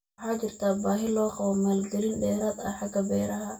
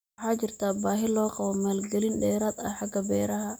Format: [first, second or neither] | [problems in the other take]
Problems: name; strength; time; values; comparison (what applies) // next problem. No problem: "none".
second | room echo; dies away in 0.2 s